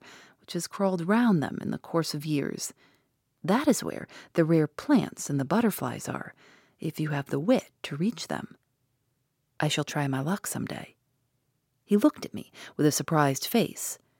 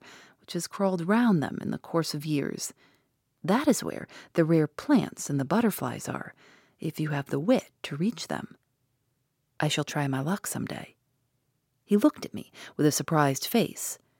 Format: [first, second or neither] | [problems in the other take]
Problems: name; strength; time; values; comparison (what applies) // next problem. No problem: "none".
neither | none